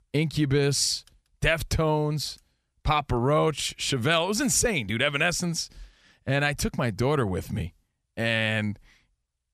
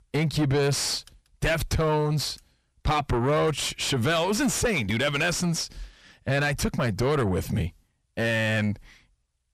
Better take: first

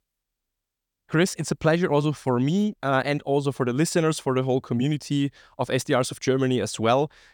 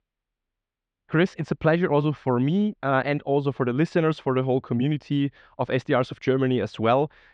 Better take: first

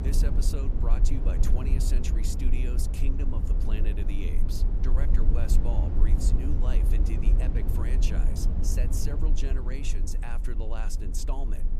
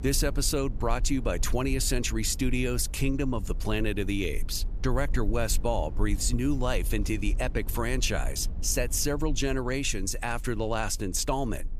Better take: second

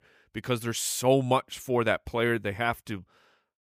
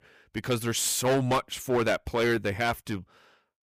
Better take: first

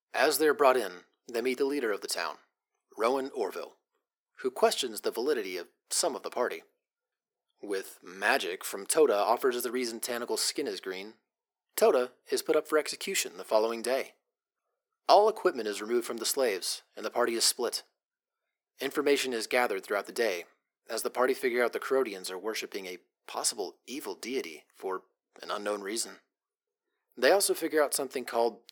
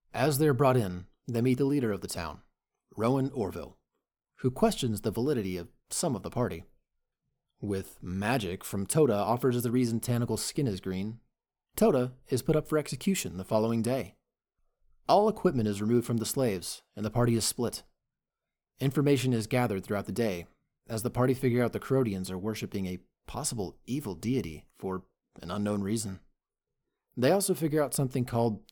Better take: second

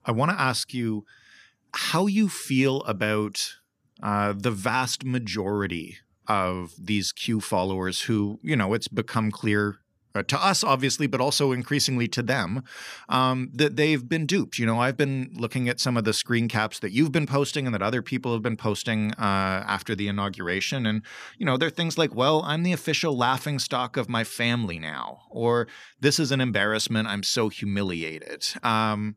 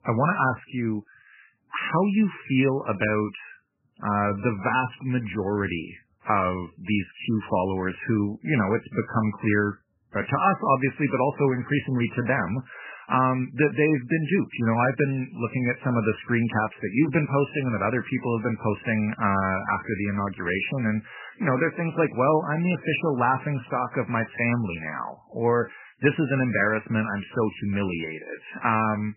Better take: first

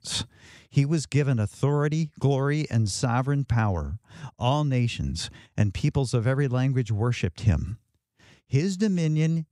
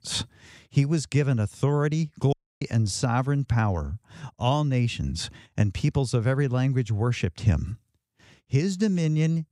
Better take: first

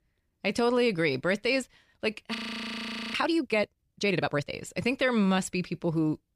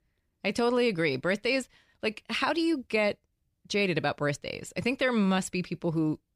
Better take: second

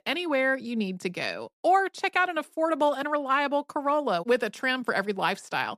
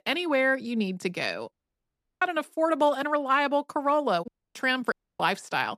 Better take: first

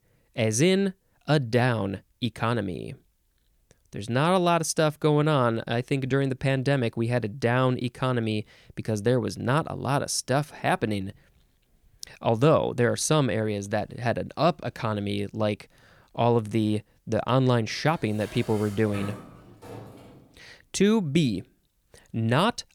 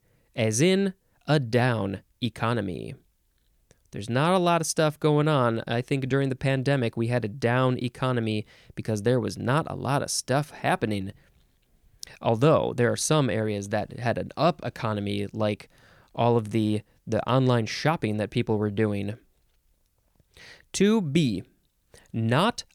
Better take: second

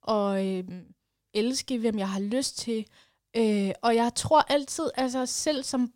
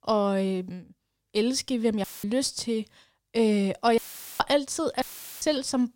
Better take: first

